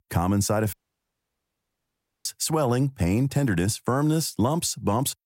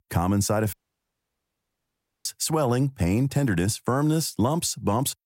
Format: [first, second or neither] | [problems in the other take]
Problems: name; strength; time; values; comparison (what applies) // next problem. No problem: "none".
neither | audio cutting out; at 0.5 s for 1.5 s; the same in both